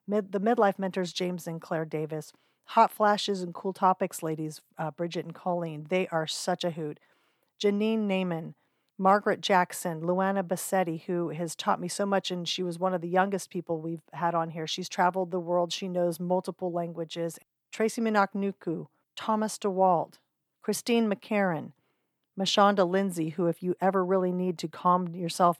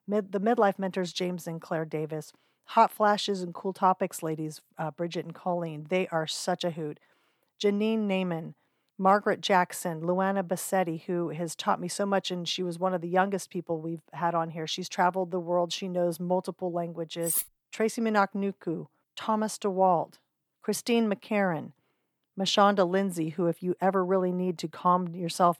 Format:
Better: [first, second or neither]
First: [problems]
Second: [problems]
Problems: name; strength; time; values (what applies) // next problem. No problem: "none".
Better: first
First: none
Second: clattering dishes; loud; at 17 s; peak level with the speech